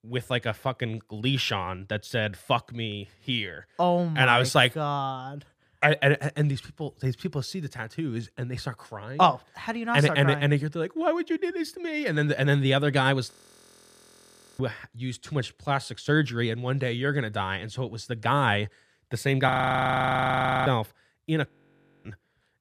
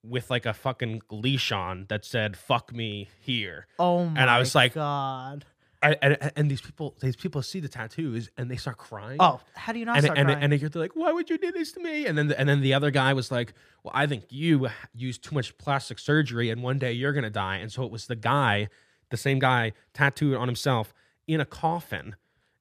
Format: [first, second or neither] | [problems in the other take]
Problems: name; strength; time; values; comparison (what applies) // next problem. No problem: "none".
second | audio freezing; at 13 s for 1.5 s, at 19 s for 1 s and at 21 s for 0.5 s